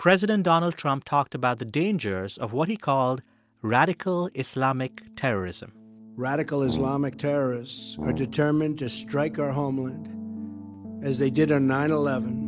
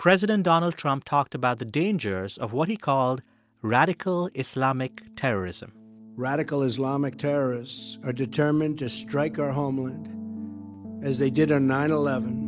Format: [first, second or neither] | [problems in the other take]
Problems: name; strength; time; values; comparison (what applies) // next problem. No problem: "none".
second | background sound (Brass instrument); 9 dB below the speech